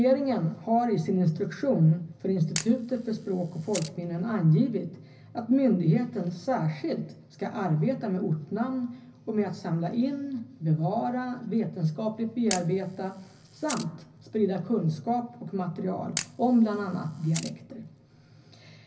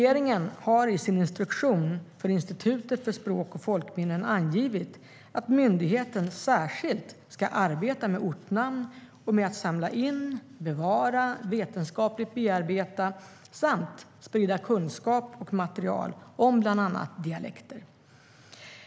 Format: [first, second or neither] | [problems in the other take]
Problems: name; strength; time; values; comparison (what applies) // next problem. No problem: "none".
second | background sound (Camera); 14 dB below the speech // room echo; dies away in 0.4 s